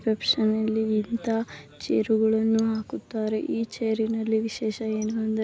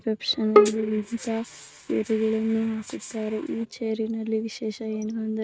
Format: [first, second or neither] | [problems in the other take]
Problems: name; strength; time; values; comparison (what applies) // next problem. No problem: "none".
first | noise reduction (neural mask model RNNoise)